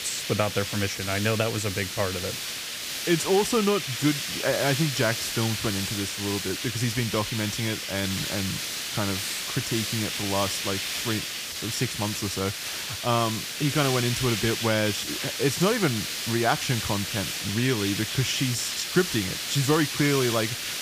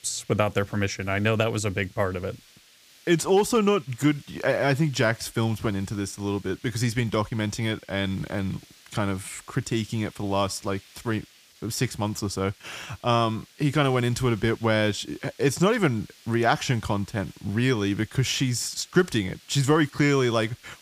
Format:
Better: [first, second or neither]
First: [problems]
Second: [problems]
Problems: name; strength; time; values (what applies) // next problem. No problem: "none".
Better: second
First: hiss; loud; throughout; 2 dB below the speech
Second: hiss; faint; throughout; 25 dB below the speech